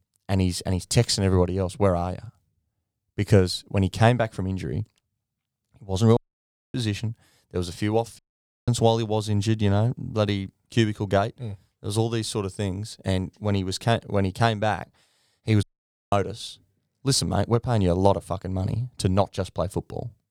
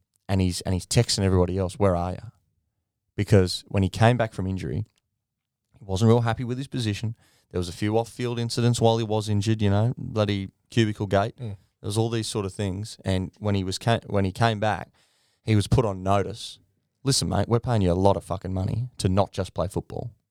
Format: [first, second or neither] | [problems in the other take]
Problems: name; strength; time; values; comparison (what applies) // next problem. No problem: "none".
second | audio cutting out; at 6 s for 0.5 s, at 8 s and at 16 s